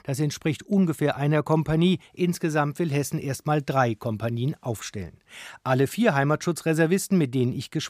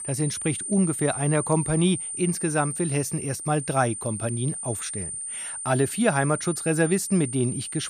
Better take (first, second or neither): first